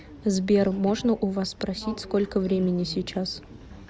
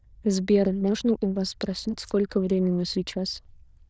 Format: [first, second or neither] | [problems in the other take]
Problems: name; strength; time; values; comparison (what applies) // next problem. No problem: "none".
first | noise reduction (neural diffusion model UNIVERSE++)